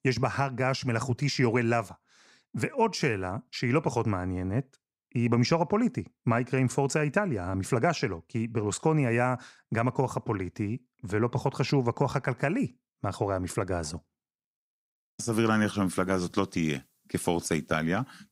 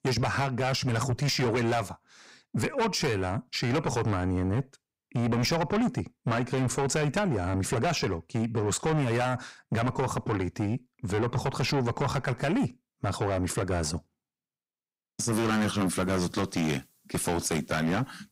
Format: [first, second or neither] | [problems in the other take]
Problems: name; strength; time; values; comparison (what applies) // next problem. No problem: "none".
first | distortion; heavy; 5 dB below the speech